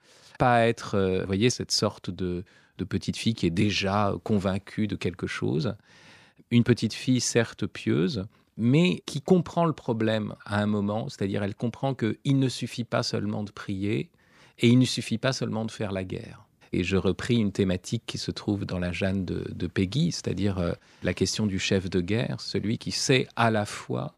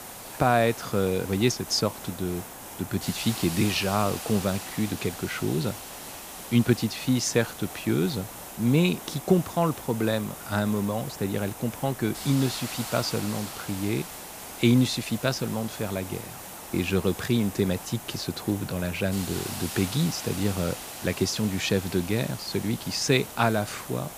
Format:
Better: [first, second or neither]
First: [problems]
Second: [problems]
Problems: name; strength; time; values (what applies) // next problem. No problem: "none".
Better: first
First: none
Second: hiss; noticeable; throughout; 10 dB below the speech